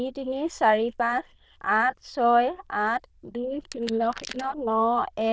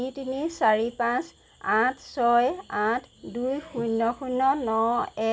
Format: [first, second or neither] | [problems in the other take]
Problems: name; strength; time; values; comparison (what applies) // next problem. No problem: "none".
second | noise reduction (neural diffusion model UNIVERSE++)